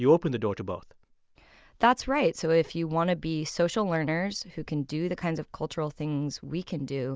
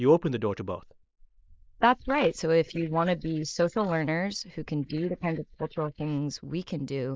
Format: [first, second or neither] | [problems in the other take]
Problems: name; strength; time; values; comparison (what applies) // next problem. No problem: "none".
first | noise reduction (neural mask model Resemble Enhance denoiser)